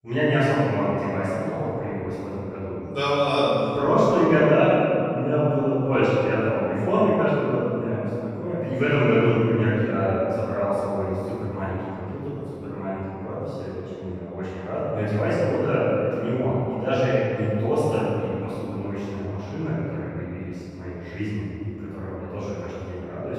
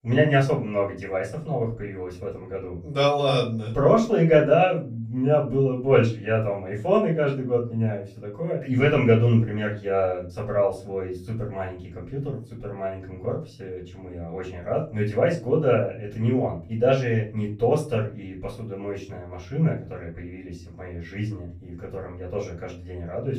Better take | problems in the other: second | room echo; strong; dies away in 2.8 s; slight in the second // off-mic speech; far; far in the second

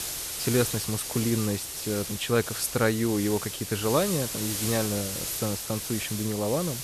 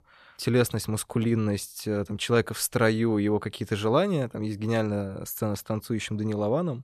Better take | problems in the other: second | hiss; loud; throughout; 3 dB below the speech

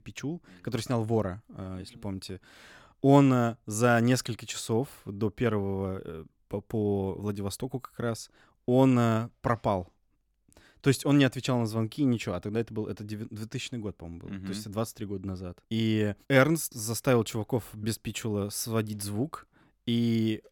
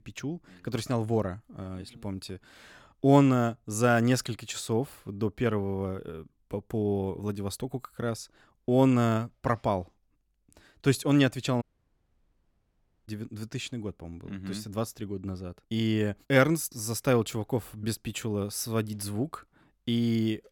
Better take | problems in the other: first | audio cutting out; at 12 s for 1.5 s

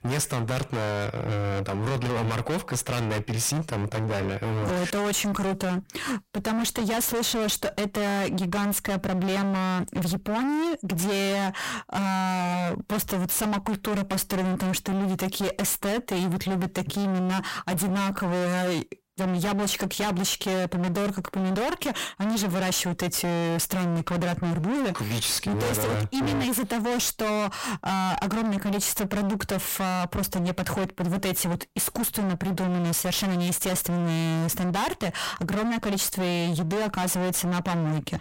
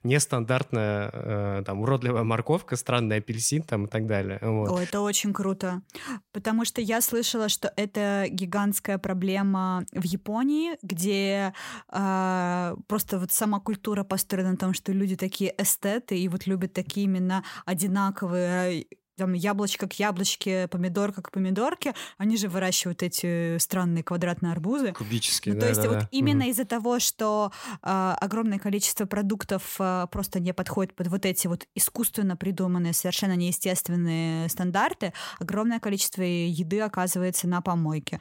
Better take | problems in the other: second | distortion; heavy; 49% of the sound clipped

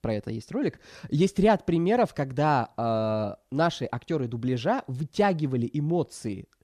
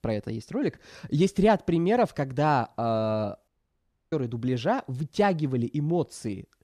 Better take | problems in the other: first | audio cutting out; at 3.5 s for 0.5 s

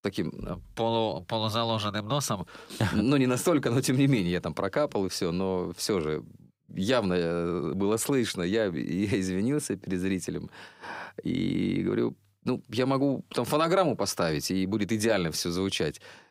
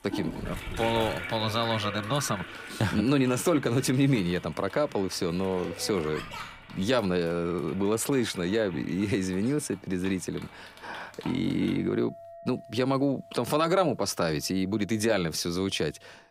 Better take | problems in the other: first | household noises; noticeable; throughout; 15 dB below the speech

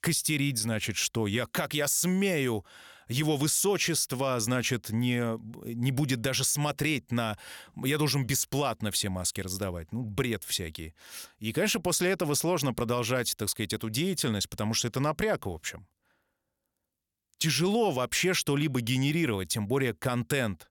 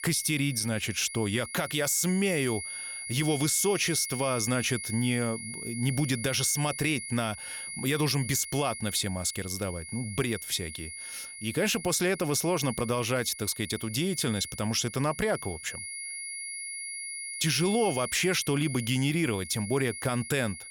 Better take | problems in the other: first | high-pitched whine; loud; throughout; 2 kHz, 9 dB below the speech

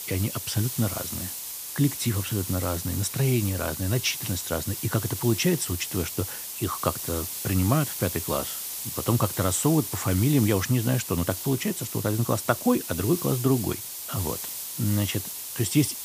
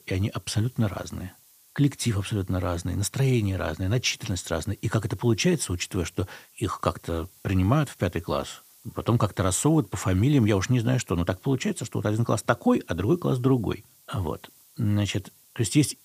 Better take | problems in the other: second | hiss; loud; throughout; 5 dB below the speech; faint in the second

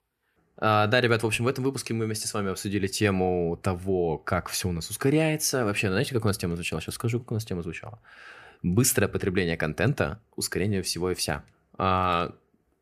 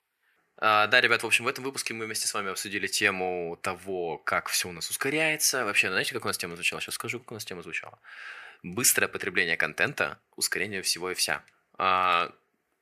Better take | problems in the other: first | thin; somewhat; fading below 1 kHz

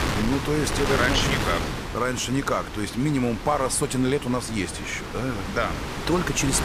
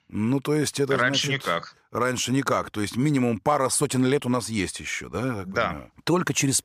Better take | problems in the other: second | wind noise on the microphone; heavy; 5 dB below the speech

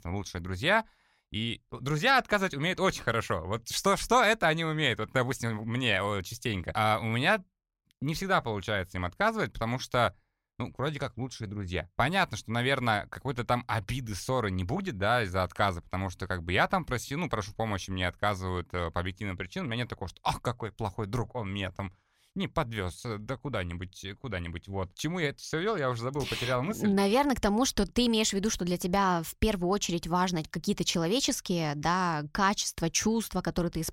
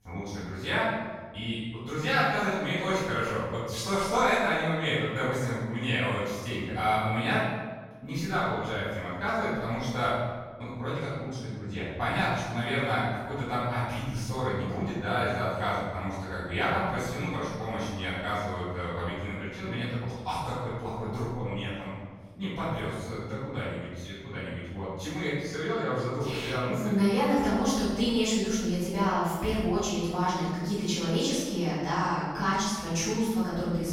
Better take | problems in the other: first | off-mic speech; far // room echo; strong; dies away in 1.2 s

